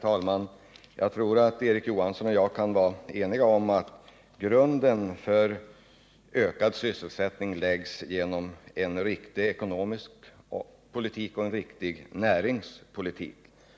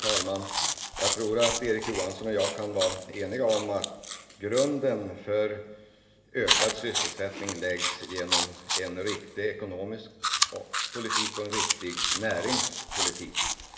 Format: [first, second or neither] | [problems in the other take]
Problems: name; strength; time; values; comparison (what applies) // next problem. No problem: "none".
first | background sound (Chewing, mastication); as loud as the speech // room echo; dies away in 1.5 s